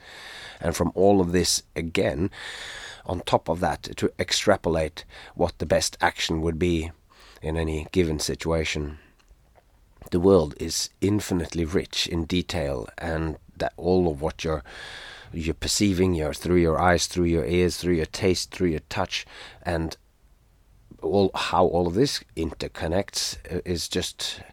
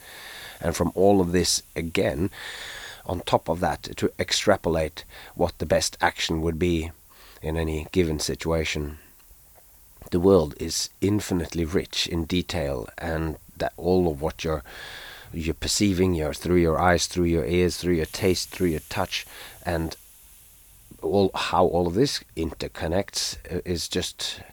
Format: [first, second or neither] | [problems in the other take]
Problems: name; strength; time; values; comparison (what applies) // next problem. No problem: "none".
first | hiss; faint; throughout; 25 dB below the speech